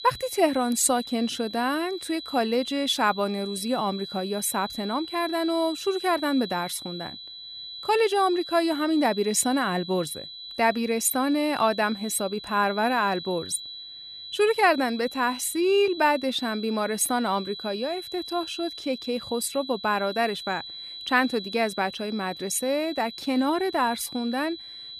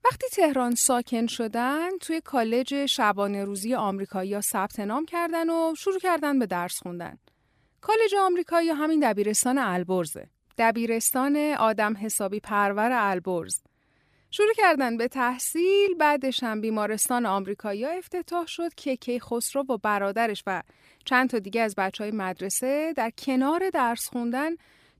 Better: second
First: high-pitched whine; noticeable; throughout; 4 kHz, 10 dB below the speech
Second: none

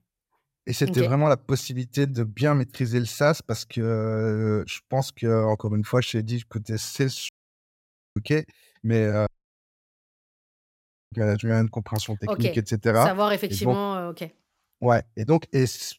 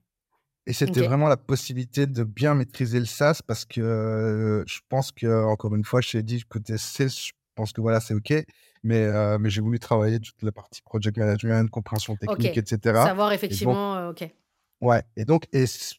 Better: second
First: audio cutting out; at 7.5 s for 1 s and at 9.5 s for 2 s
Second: none

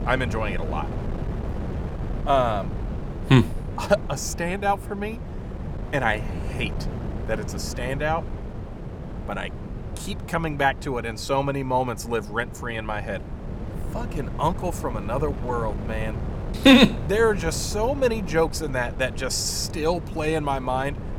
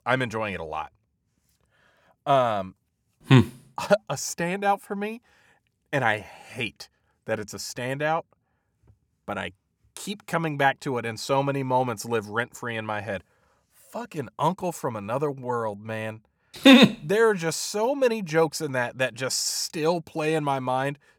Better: second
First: wind noise on the microphone; occasional gusts; 15 dB below the speech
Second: none

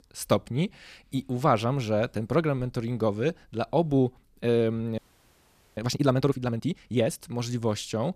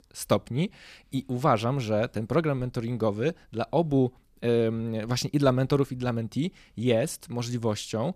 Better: second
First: audio freezing; at 5 s for 1 s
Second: none

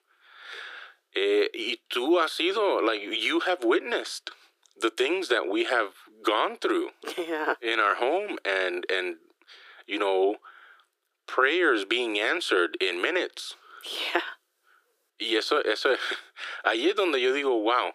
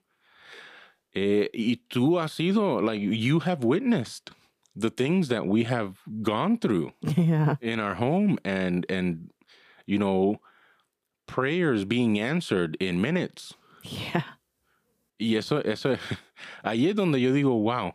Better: second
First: thin; very; fading below 350 Hz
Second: none

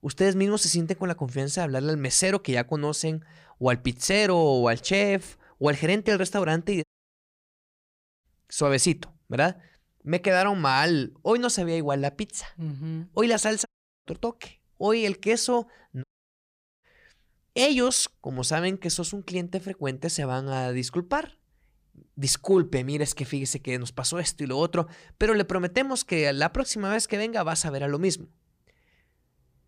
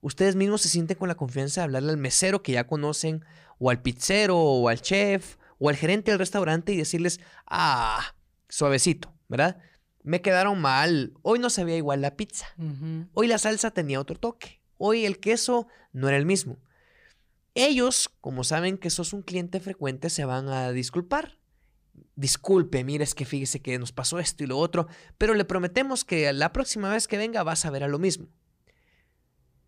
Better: second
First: audio cutting out; at 7 s for 1.5 s, at 14 s and at 16 s for 1 s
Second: none

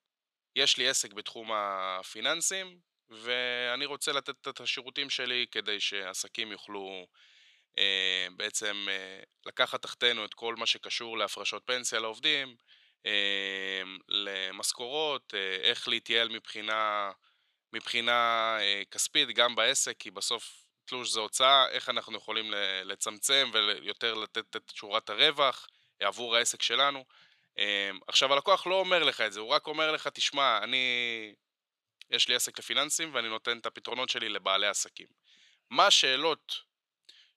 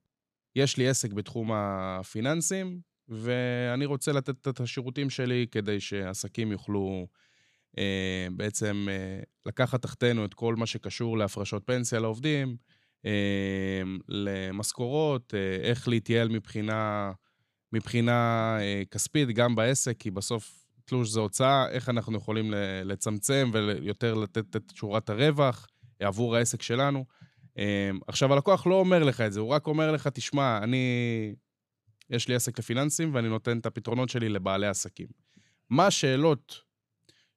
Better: second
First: thin; very; fading below 600 Hz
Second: none

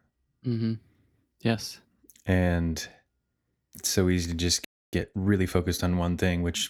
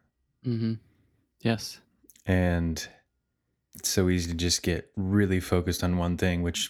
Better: second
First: audio freezing; at 4.5 s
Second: none

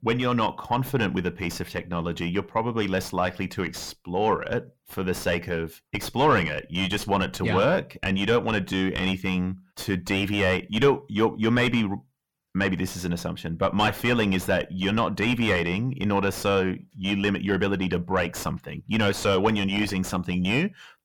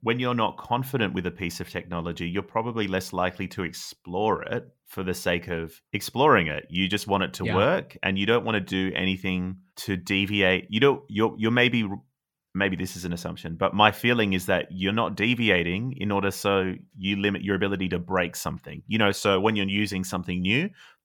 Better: second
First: distortion; heavy; 5 dB below the speech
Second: none

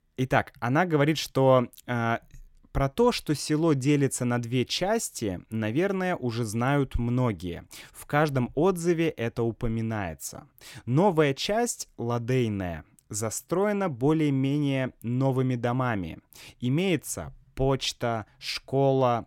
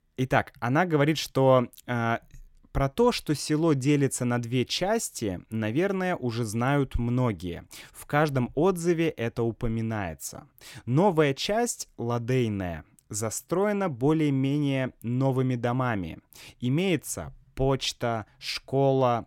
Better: neither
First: none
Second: none

